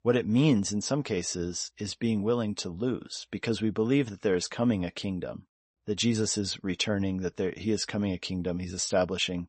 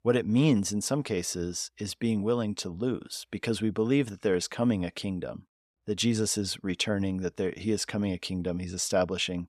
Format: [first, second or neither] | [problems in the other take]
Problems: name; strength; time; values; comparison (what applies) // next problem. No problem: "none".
second | garbled, watery; slightly; nothing above 8 kHz